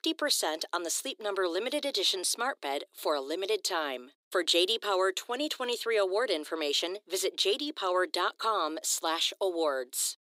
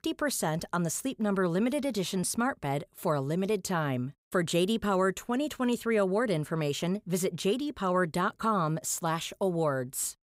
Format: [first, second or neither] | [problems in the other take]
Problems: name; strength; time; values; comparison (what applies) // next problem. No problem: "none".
second | thin; very; fading below 300 Hz